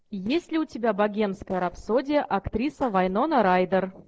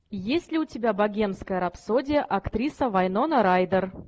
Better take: second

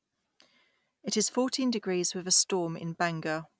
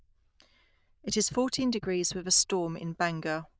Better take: first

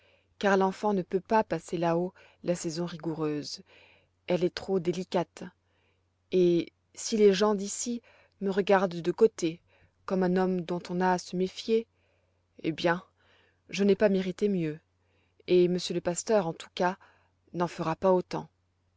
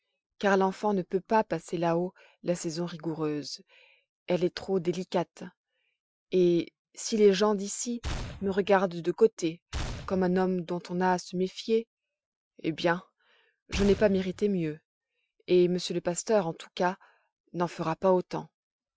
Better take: first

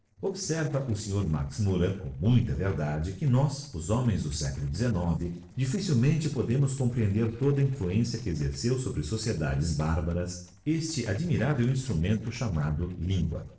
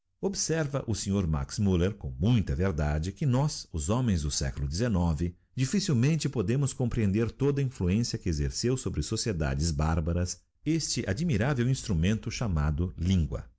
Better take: second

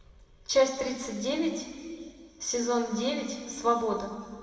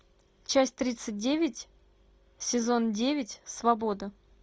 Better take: second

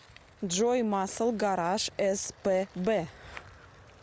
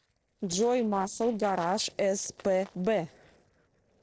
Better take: first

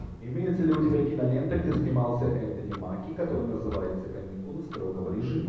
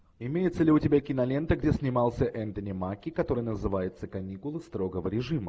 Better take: second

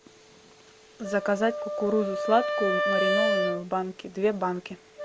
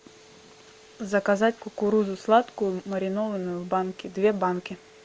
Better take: second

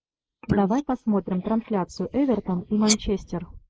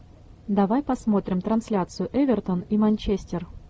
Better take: second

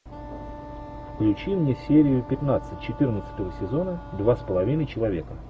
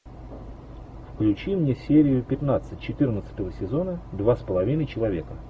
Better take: second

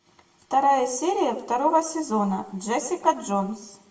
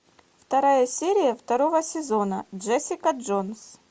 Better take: second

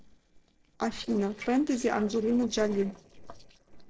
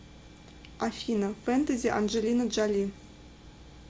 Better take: second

